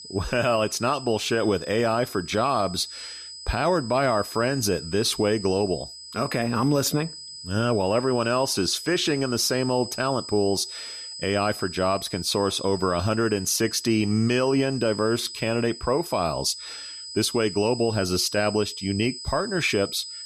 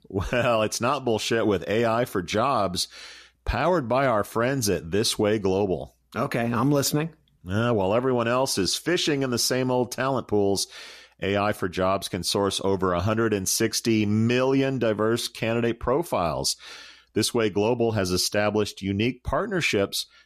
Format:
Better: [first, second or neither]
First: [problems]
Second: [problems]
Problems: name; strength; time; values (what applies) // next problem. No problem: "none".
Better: second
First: high-pitched whine; noticeable; throughout; 5 kHz, 10 dB below the speech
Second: none